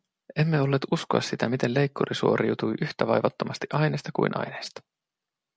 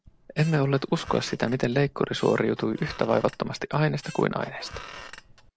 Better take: first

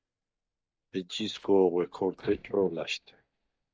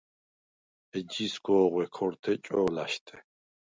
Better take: second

